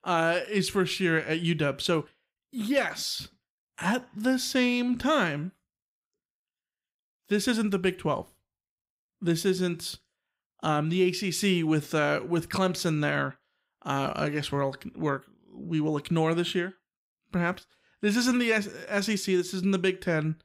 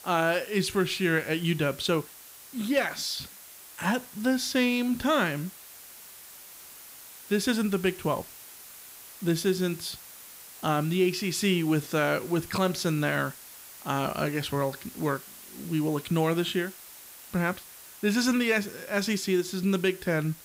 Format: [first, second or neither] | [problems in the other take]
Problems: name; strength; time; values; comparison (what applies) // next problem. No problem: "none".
first | hiss; noticeable; throughout; 15 dB below the speech